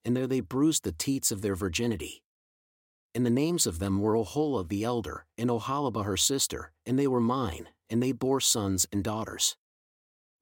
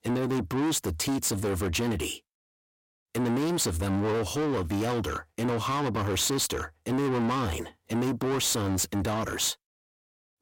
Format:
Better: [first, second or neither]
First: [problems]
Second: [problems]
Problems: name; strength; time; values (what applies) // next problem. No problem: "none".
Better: first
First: none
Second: distortion; heavy; 6 dB below the speech